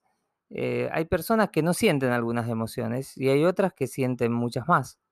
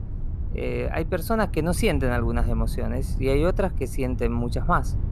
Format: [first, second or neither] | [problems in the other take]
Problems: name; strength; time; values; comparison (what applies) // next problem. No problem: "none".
first | wind noise on the microphone; occasional gusts; 20 dB below the speech